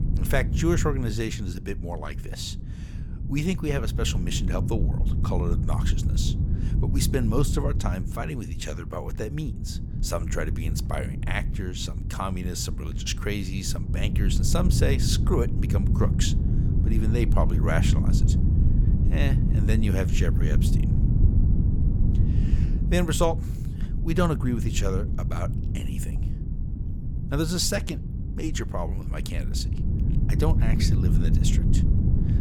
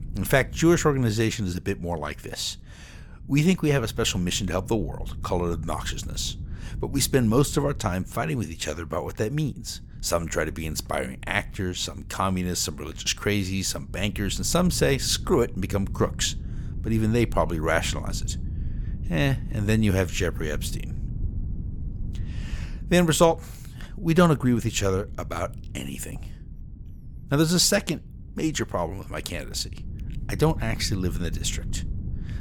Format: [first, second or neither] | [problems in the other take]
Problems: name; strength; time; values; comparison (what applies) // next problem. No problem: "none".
second | wind noise on the microphone; heavy; 7 dB below the speech; occasional gusts in the second